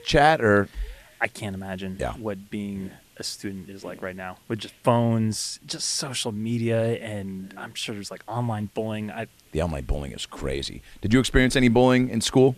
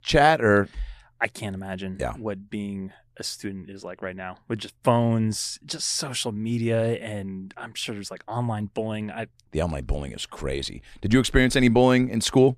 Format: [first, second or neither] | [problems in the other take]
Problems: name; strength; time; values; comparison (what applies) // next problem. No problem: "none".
second | hiss; faint; throughout; 25 dB below the speech